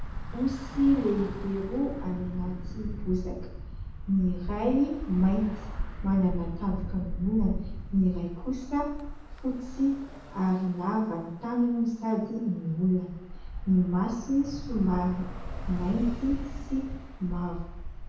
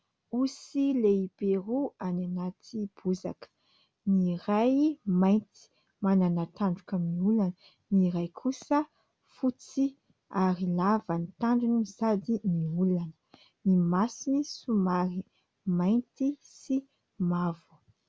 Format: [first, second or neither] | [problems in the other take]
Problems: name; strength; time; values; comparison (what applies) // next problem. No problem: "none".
second | background sound (Traffic noise, roadway noise / Bus); 7 dB below the speech // room echo; dies away in 0.8 s